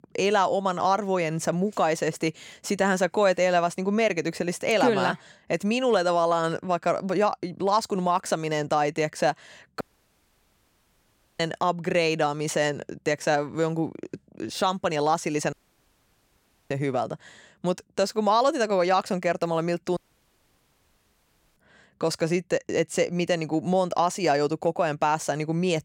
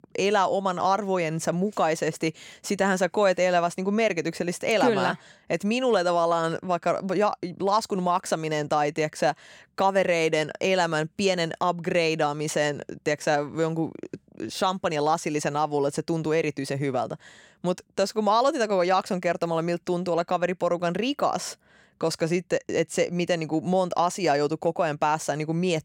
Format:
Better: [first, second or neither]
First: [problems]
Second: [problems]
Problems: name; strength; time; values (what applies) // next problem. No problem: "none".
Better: second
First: audio cutting out; at 10 s for 1.5 s, at 16 s for 1 s and at 20 s for 1.5 s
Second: none